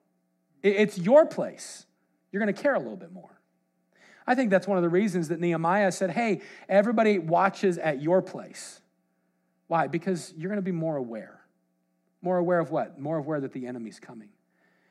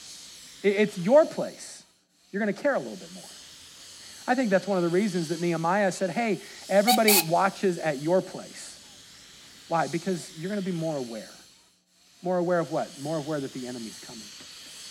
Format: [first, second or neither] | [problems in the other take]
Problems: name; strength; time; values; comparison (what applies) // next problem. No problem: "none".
first | hiss; loud; throughout; 7 dB below the speech